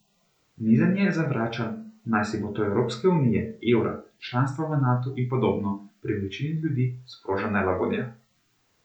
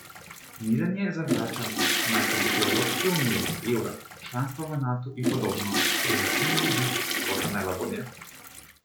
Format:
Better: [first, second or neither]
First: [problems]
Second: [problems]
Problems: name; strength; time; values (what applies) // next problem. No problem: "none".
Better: first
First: none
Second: background sound (Toilet flush / Water); 2 dB above the speech